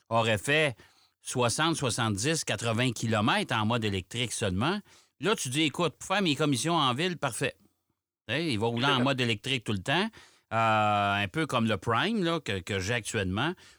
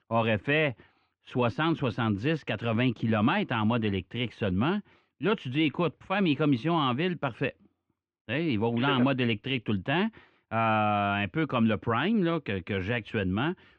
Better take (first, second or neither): first